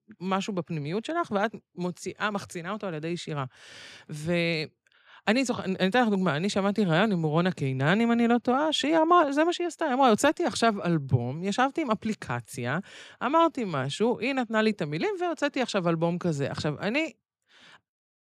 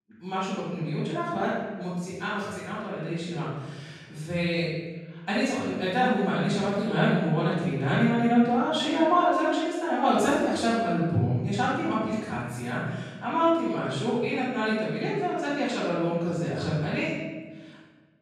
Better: first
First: none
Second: off-mic speech; far // room echo; strong; dies away in 1.1 s

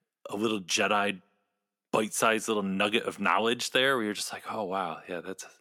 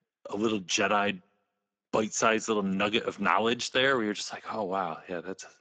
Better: first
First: none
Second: garbled, watery; badly; nothing above 7.5 kHz

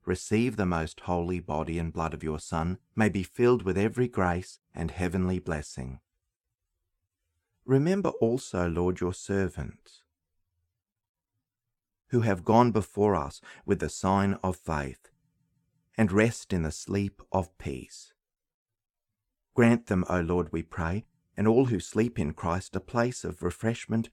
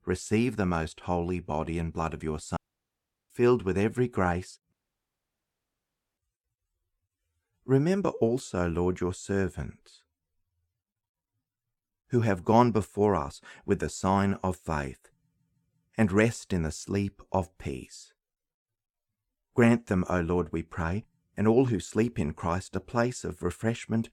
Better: first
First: none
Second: audio cutting out; at 2.5 s for 0.5 s and at 4.5 s for 1.5 s

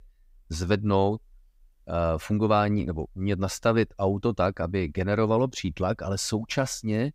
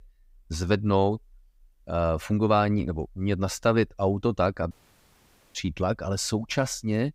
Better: first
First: none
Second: audio cutting out; at 4.5 s for 1 s

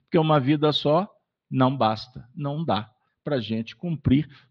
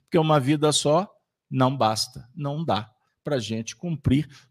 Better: second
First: muffled; slightly; fading above 4 kHz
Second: none

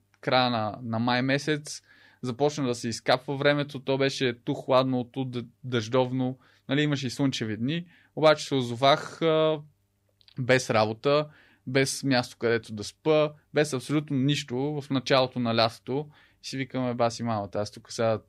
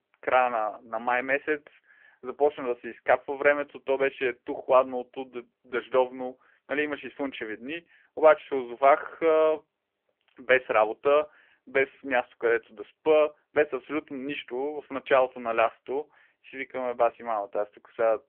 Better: first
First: none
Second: phone-call audio; poor line

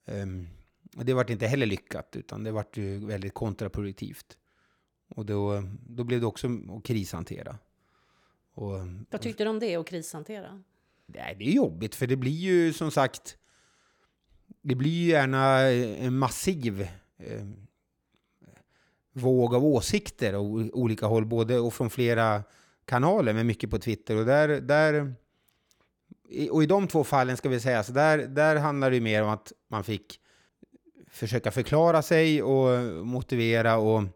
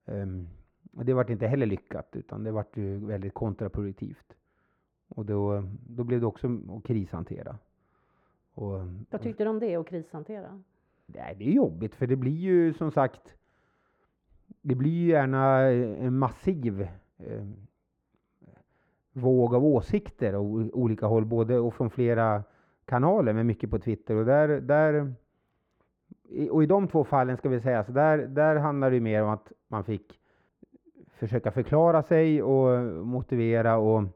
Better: first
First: none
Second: muffled; very; fading above 3 kHz

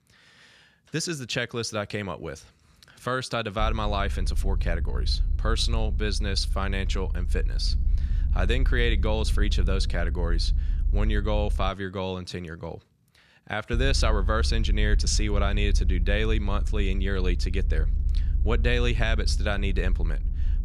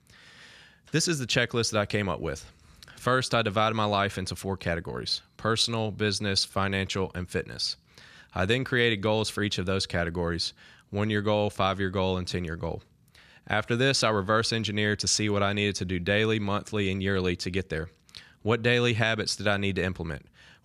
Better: second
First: low rumble; noticeable; from 3.5 to 12 s and from 14 s on; 20 dB below the speech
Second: none

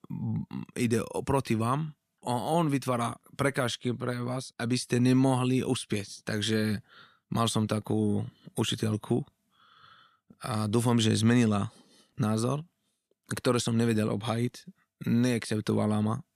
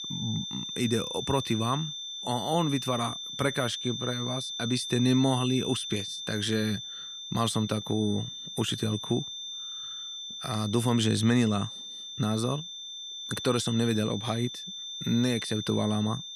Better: first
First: none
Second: high-pitched whine; loud; throughout; 3.5 kHz, 6 dB below the speech

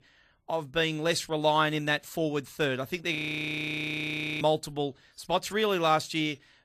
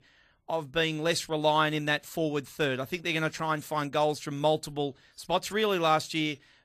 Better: second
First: audio freezing; at 3 s for 1.5 s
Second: none

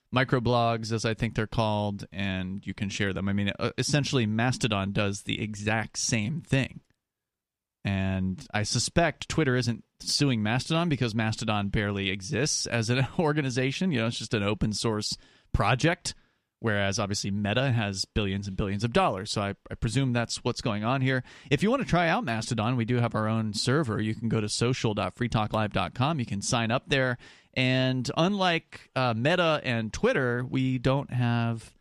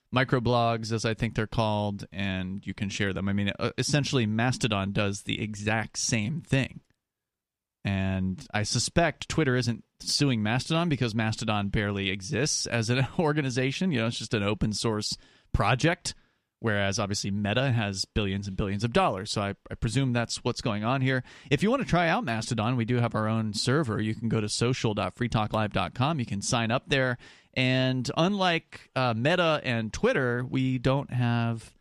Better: neither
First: none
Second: none

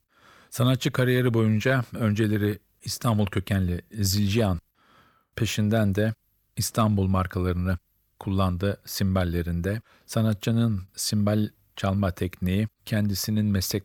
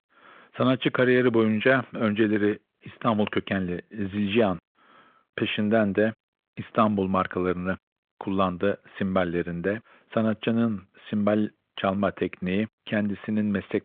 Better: first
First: none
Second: phone-call audio

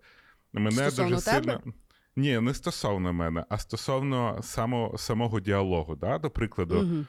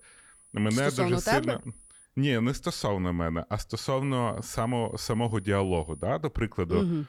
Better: first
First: none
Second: high-pitched whine; faint; until 2 s and from 4 to 6 s; 9.5 kHz, 25 dB below the speech

